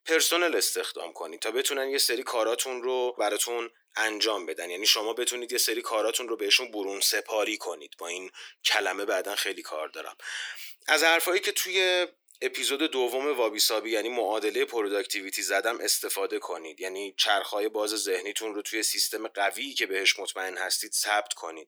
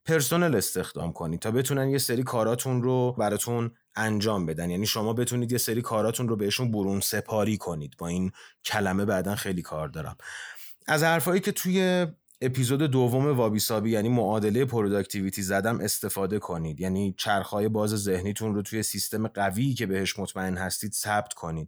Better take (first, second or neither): second